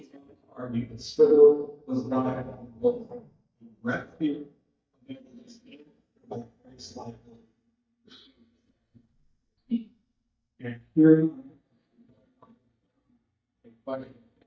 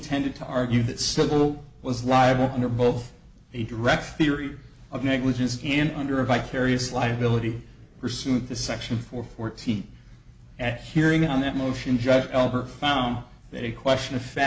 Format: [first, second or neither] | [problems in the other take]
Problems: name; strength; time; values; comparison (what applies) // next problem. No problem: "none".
second | noise reduction (neural mask model DeepFilterNet 3)